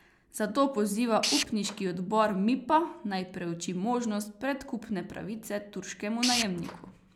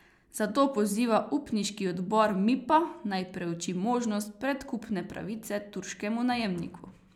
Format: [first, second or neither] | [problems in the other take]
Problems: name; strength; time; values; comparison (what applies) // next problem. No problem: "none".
second | background sound (Tools); 2 dB below the speech